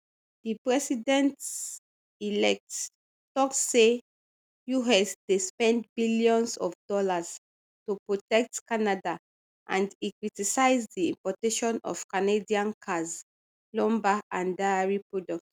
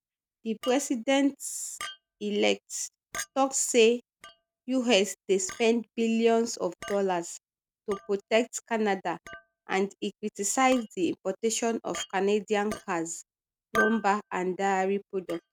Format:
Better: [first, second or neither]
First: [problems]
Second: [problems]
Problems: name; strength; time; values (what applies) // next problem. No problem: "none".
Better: first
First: none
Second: noise reduction (neural mask model RNNoise)